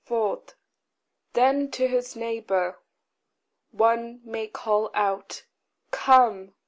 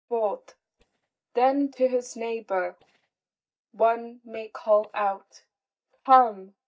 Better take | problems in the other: first | noise reduction (neural mask model DeepFilterNet 3)

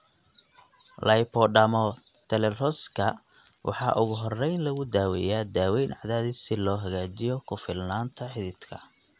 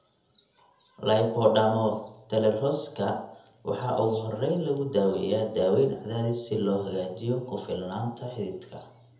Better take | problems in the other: first | room echo; dies away in 0.7 s

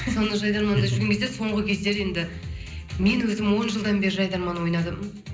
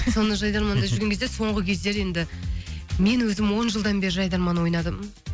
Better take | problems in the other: second | room echo; dies away in 0.5 s

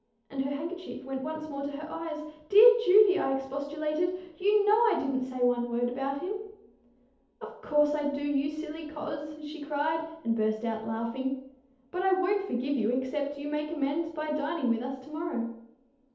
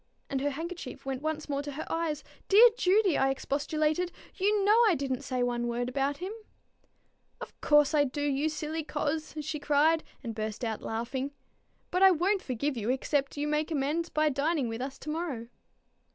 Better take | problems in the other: second | room echo; dies away in 2.2 s

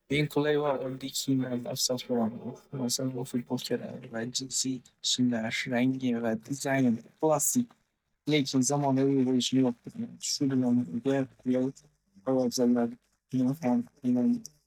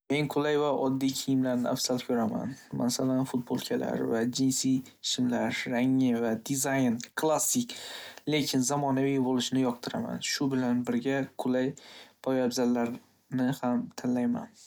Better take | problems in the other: second | noise reduction (neural mask model DeepFilterNet 3)

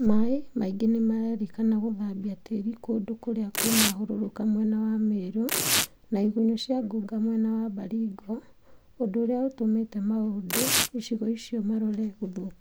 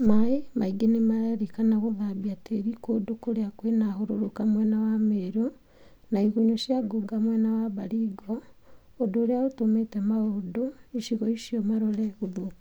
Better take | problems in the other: second | background sound (Tearing); 3 dB below the speech

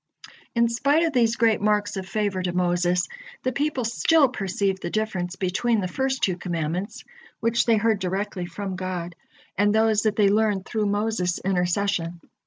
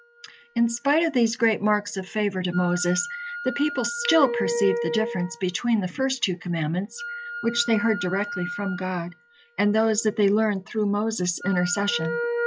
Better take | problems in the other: first | noise reduction (classical method log-MMSE)

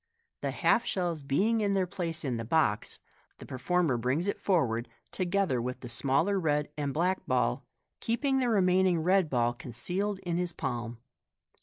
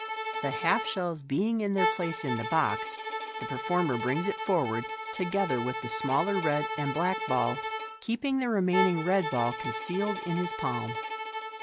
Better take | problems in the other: first | background sound (Bowed string instrument); 4 dB below the speech

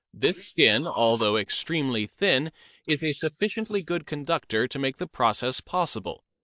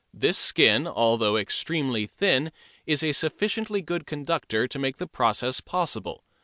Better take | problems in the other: second | noise reduction (neural mask model Resemble Enhance denoiser)

